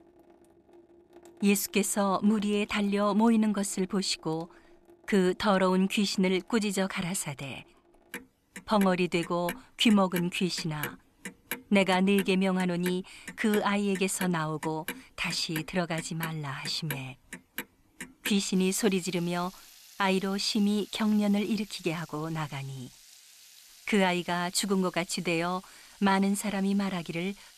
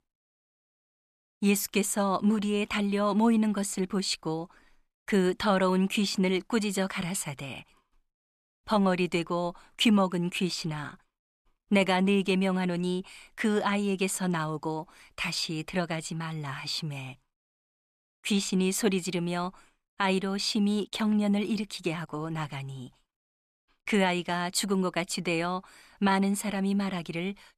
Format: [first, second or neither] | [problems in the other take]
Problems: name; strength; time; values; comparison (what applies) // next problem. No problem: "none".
second | household noises; noticeable; throughout; 15 dB below the speech